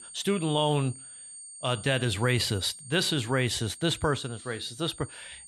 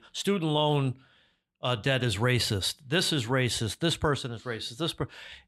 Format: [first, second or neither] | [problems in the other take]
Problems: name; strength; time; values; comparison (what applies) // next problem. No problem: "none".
second | high-pitched whine; noticeable; throughout; 8.5 kHz, 15 dB below the speech